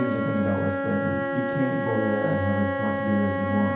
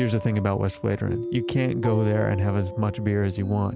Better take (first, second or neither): second